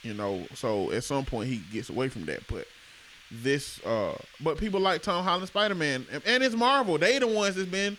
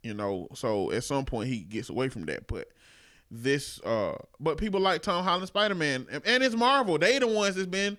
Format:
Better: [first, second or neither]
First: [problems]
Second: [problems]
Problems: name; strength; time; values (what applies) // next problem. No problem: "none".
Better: second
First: hiss; faint; throughout; 20 dB below the speech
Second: none